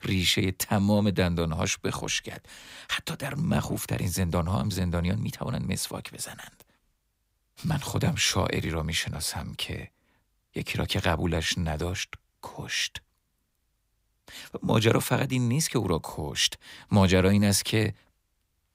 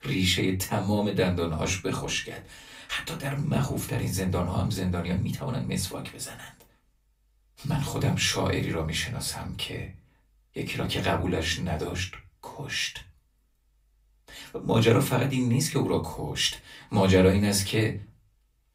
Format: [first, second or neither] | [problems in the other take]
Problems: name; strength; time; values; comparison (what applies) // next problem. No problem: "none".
first | off-mic speech; far // room echo; very slight; dies away in 0.2 s